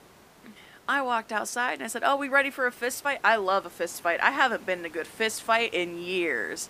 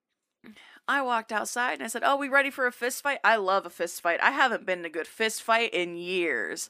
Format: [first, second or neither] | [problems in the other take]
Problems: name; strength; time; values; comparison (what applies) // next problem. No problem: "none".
second | hiss; faint; throughout; 25 dB below the speech